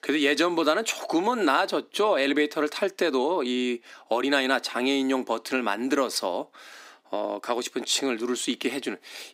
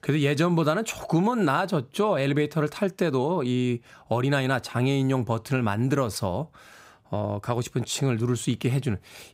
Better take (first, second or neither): second